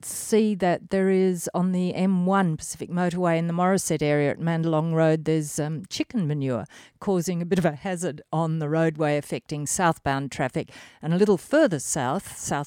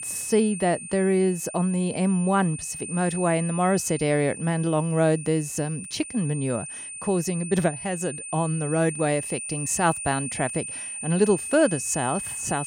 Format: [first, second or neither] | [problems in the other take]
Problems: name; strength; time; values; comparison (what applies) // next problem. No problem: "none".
first | high-pitched whine; loud; throughout; 9 kHz, 8 dB below the speech